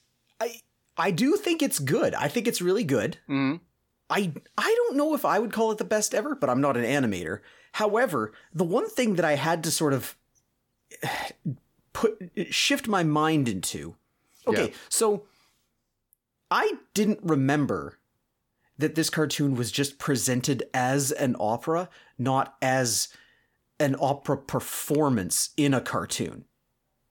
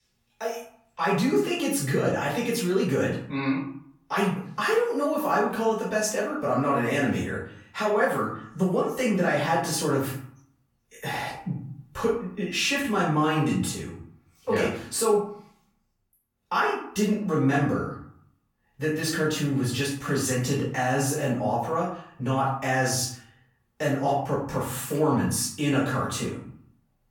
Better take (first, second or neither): first